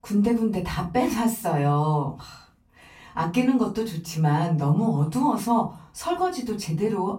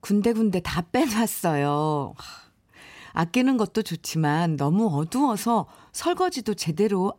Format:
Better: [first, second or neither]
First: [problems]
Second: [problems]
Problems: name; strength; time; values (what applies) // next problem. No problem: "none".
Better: second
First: off-mic speech; far // room echo; very slight; dies away in 0.3 s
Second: none